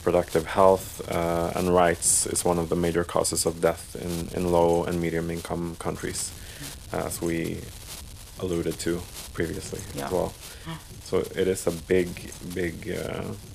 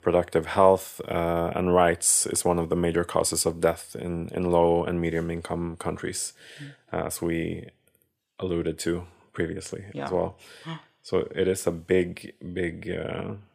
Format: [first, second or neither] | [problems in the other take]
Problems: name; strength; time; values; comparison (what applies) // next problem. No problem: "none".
second | wind noise on the microphone; occasional gusts; 15 dB below the speech